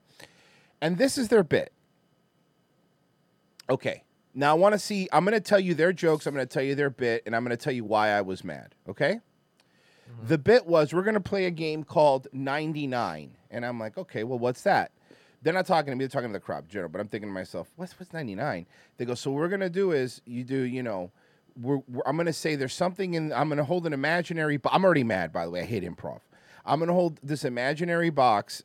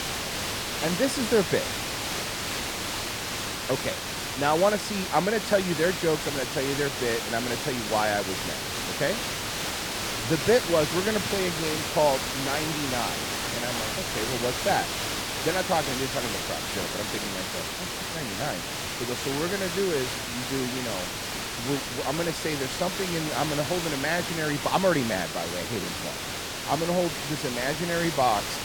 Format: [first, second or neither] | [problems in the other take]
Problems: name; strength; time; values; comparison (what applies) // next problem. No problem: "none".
first | hiss; loud; throughout; 1 dB below the speech